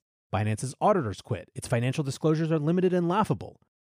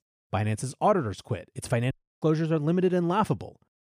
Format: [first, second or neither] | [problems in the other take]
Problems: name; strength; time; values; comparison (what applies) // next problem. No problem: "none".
first | audio cutting out; at 2 s